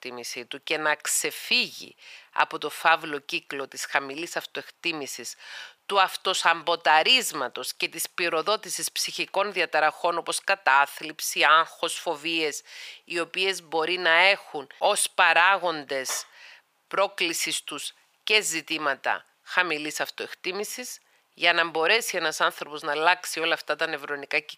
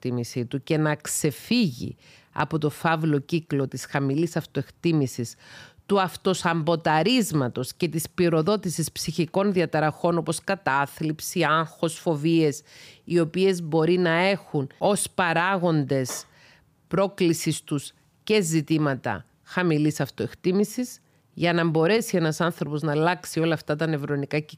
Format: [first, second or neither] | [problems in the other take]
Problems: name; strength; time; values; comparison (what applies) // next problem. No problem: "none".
second | thin; very; fading below 800 Hz